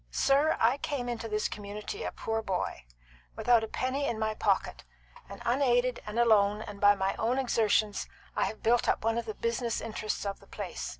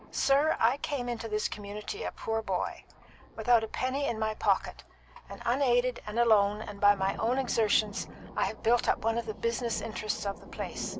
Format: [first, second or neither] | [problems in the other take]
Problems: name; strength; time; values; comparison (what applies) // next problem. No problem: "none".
first | background sound (Thunder); 19 dB below the speech